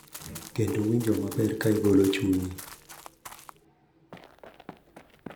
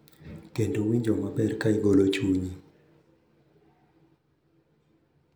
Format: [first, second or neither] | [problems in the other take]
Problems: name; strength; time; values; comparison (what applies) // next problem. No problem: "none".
second | background sound (Run); 17 dB below the speech